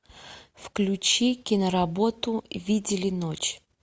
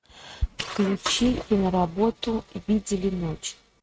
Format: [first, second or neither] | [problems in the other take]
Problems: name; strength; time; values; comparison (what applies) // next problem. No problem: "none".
first | noise reduction (neural mask model RNNoise)